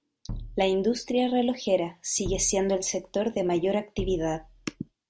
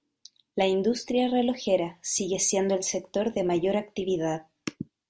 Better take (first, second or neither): second